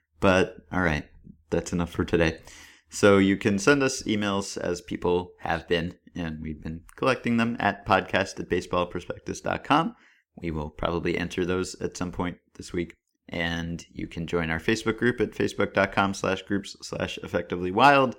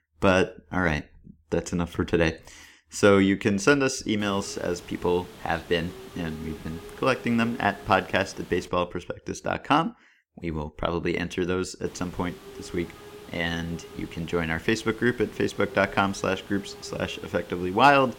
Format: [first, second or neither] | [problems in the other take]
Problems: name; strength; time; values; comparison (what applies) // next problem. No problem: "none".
first | hiss; noticeable; from 4 to 8.5 s and from 12 s on; 20 dB below the speech